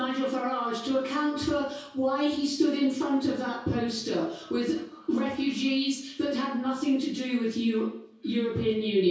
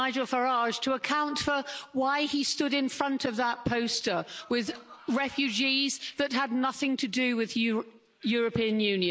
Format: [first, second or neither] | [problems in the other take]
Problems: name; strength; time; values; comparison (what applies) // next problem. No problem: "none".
second | room echo; dies away in 0.6 s